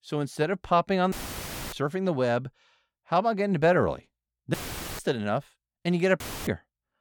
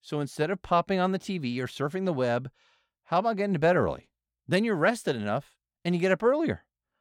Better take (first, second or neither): second